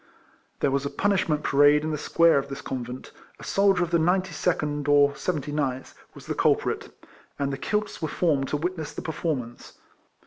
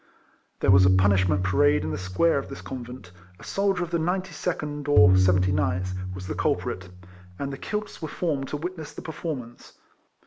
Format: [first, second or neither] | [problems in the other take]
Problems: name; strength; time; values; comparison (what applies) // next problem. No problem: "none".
first | background sound (Tabla); 2 dB above the speech